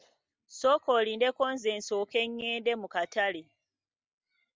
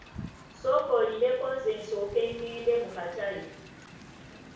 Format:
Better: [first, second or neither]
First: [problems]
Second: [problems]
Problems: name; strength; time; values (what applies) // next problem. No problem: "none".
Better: first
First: none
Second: background sound (Wind); 16 dB below the speech // room echo; dies away in 0.6 s